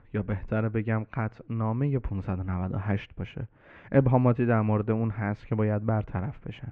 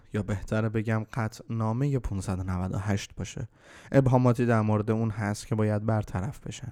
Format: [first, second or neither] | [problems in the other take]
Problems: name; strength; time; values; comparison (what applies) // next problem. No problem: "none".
second | muffled; very; fading above 2.5 kHz